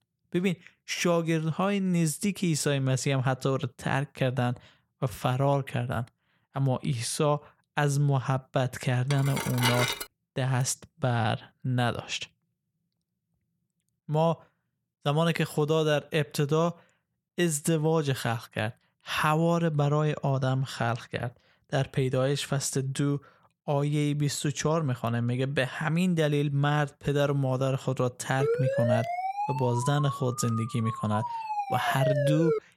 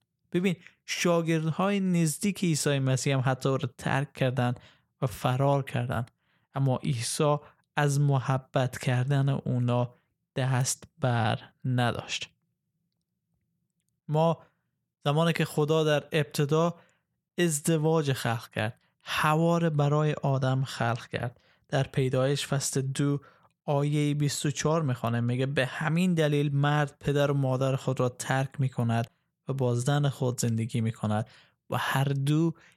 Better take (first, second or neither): second